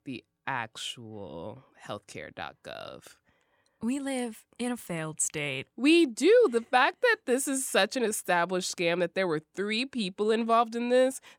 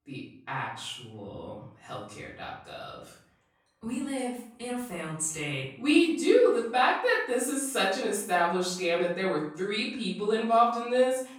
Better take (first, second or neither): first